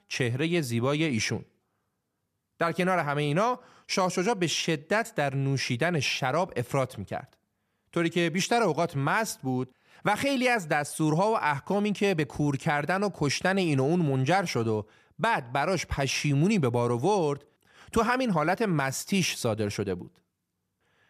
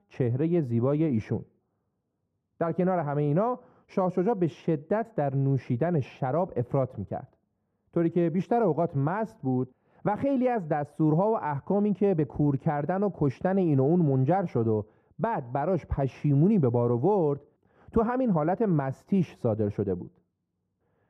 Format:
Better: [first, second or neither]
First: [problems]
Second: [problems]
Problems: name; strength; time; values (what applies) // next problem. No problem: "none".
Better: first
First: none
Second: muffled; very; fading above 2 kHz